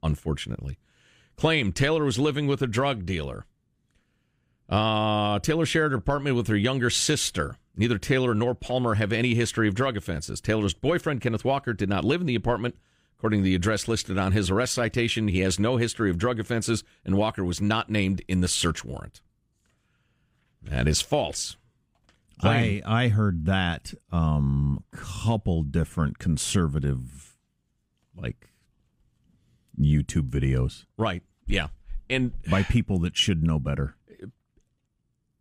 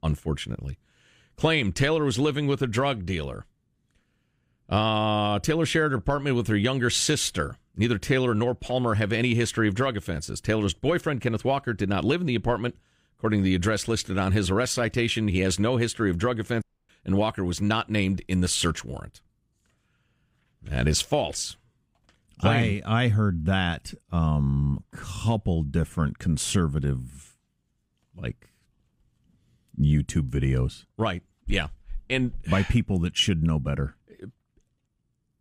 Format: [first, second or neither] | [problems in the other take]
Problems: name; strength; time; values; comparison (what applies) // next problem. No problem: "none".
first | audio cutting out; at 17 s